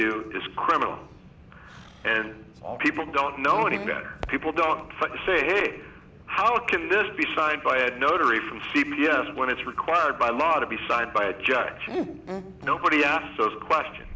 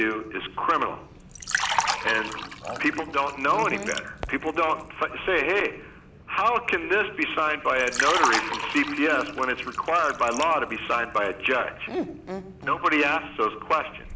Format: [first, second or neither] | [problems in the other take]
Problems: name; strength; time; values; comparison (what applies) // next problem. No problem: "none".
first | background sound (Liquid); 9 dB below the speech